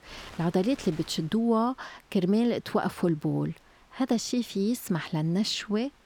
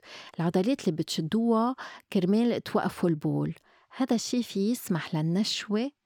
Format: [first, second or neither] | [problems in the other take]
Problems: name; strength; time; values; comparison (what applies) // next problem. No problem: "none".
second | wind noise on the microphone; occasional gusts; 25 dB below the speech